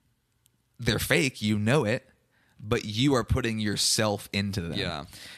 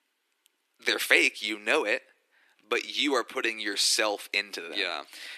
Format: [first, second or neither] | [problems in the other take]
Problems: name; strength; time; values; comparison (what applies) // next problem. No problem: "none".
first | thin; very; fading below 300 Hz